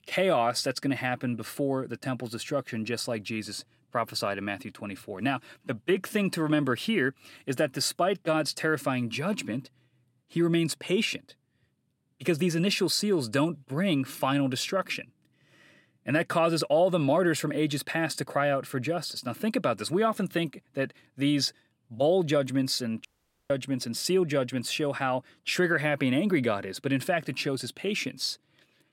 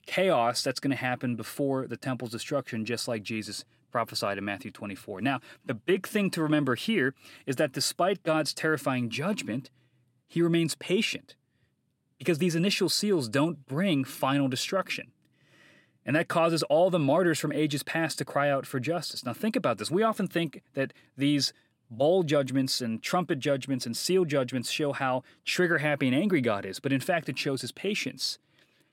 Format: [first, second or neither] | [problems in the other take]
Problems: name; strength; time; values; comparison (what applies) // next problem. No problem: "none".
second | audio cutting out; at 23 s